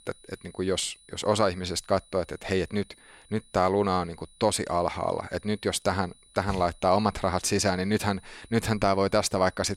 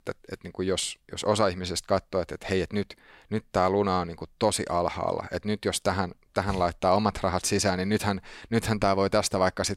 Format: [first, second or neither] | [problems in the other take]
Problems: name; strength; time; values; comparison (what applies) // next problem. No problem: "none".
second | high-pitched whine; faint; throughout; 9.5 kHz, 30 dB below the speech